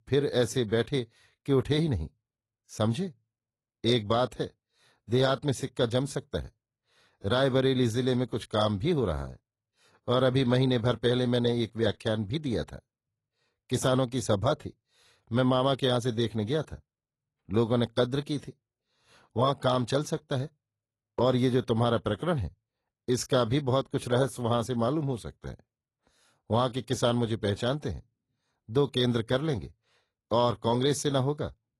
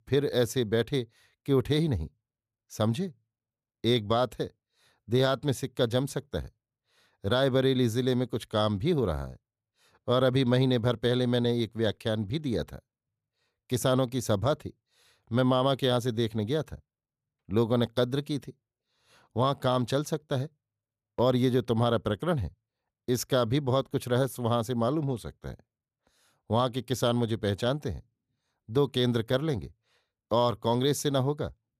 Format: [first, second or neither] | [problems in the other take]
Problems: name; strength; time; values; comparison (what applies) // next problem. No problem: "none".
second | garbled, watery; slightly; nothing above 11.5 kHz